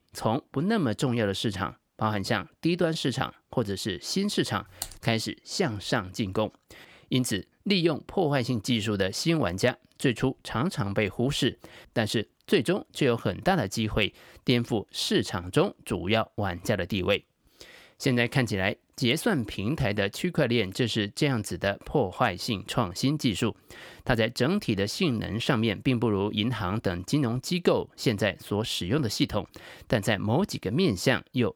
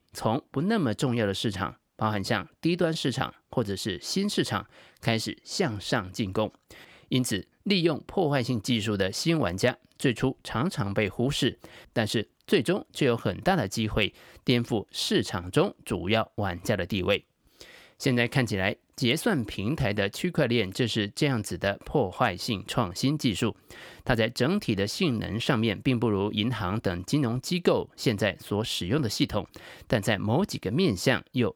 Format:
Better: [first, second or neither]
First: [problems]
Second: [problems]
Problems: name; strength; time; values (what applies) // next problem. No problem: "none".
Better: second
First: keyboard typing; faint; at 5 s; peak 10 dB below the speech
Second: none